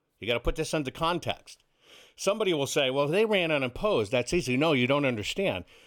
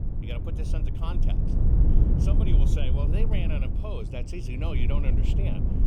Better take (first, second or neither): first